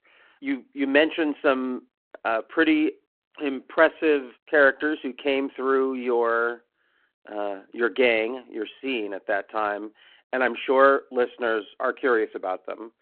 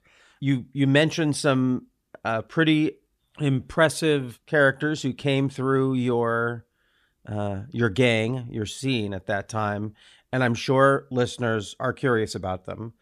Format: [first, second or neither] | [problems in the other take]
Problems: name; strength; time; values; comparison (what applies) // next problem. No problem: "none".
second | phone-call audio